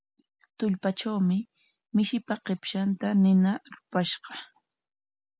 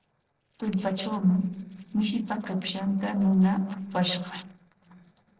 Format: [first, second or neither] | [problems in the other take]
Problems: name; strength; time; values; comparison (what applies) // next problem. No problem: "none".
first | noise reduction (neural separator model SepFormer DNS4)